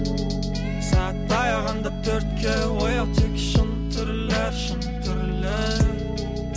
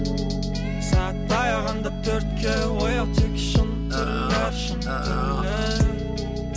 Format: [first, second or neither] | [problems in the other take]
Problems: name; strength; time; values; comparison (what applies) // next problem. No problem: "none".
first | background sound (Burping, eructation); 8 dB below the speech